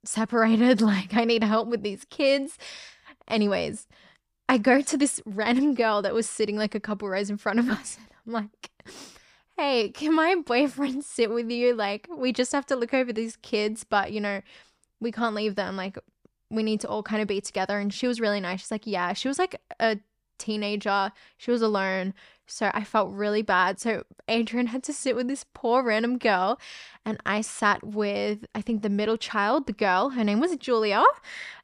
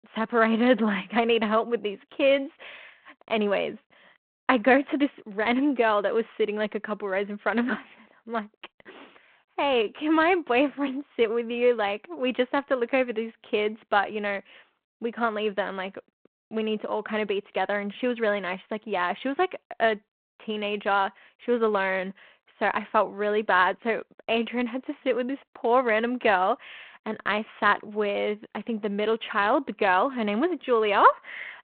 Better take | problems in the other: first | phone-call audio

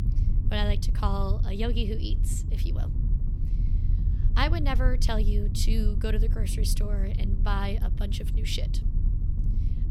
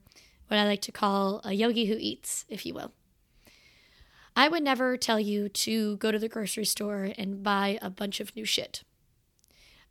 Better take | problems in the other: second | low rumble; noticeable; throughout; 10 dB below the speech

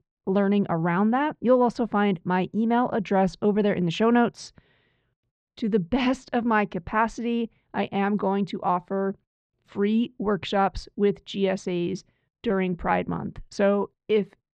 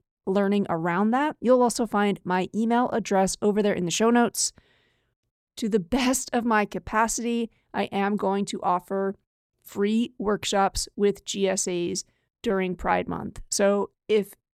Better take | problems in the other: second | muffled; slightly; fading above 3.5 kHz

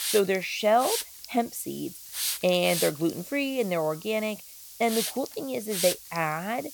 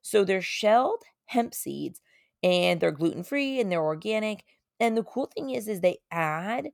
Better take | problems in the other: second | hiss; loud; throughout; 6 dB below the speech

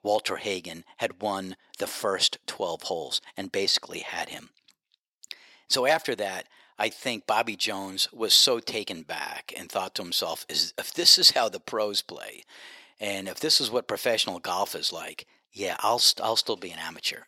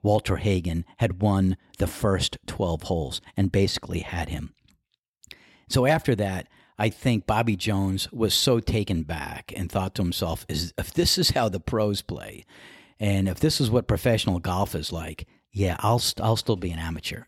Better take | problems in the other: second | thin; very; fading below 500 Hz

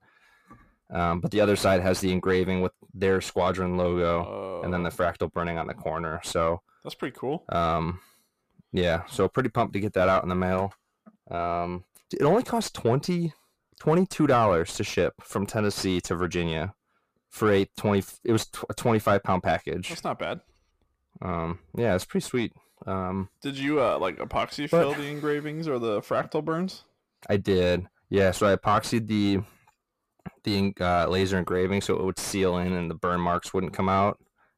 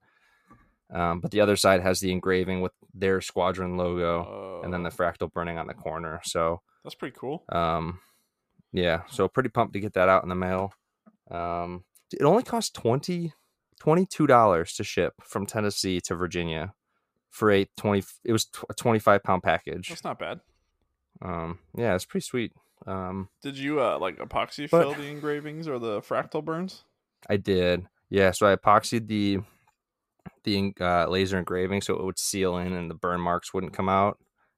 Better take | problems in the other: second | distortion; slight; 10 dB below the speech

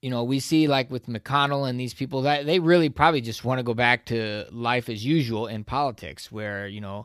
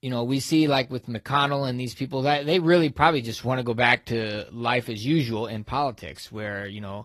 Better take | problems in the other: first | garbled, watery; slightly; nothing above 15 kHz

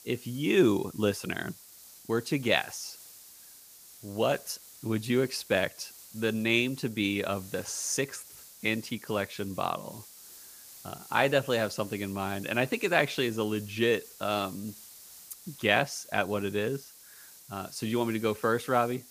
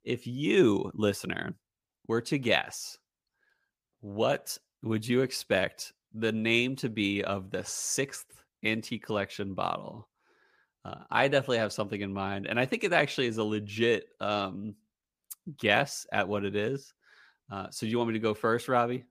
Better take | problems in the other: second | hiss; noticeable; throughout; 20 dB below the speech

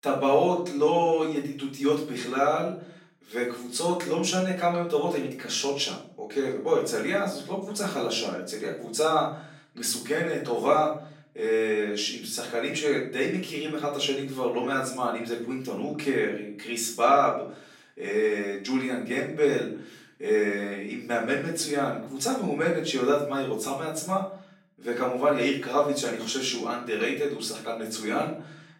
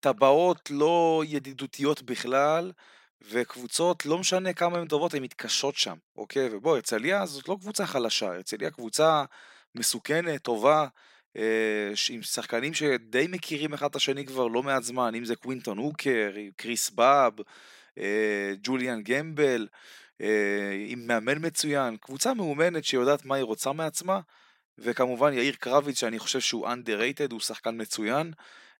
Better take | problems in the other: second | off-mic speech; far // room echo; noticeable; dies away in 0.5 s

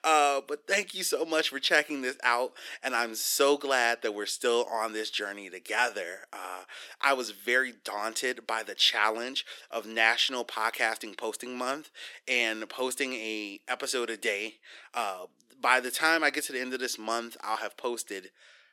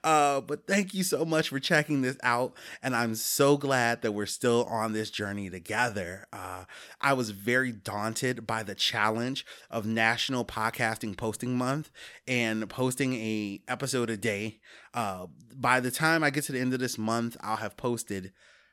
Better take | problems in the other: second | thin; somewhat; fading below 350 Hz

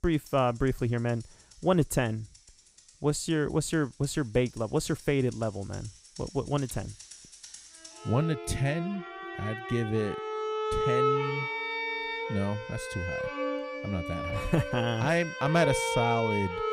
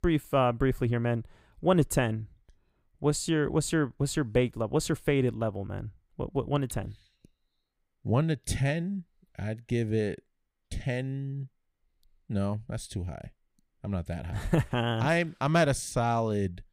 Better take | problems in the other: second | background music; loud; throughout; 3 dB below the speech

